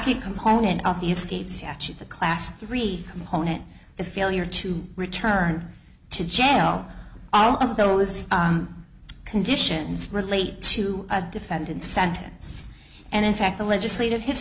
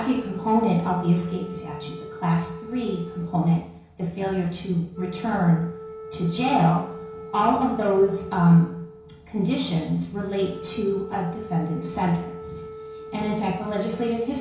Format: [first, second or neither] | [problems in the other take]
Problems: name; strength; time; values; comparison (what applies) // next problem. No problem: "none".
first | background sound (Wind instrument, woodwind instrument); 15 dB below the speech // room echo; dies away in 0.6 s